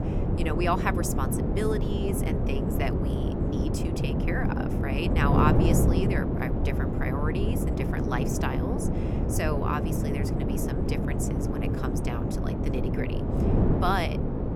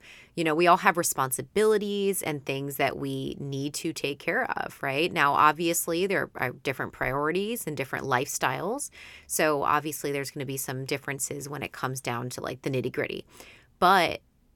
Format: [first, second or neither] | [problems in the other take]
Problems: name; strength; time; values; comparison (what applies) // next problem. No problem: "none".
second | wind noise on the microphone; heavy; 1 dB below the speech